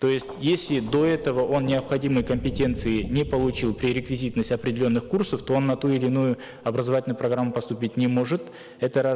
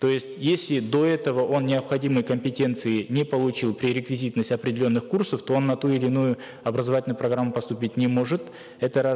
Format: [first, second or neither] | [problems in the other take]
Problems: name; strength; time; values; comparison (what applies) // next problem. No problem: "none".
second | background sound (Thunder); 16 dB below the speech